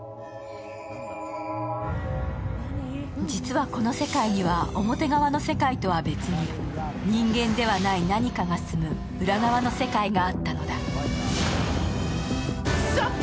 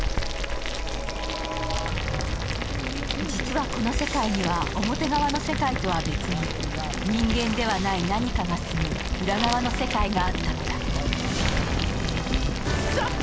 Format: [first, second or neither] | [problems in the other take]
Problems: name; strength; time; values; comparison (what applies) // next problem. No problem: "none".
first | background sound (Boiling); 2 dB below the speech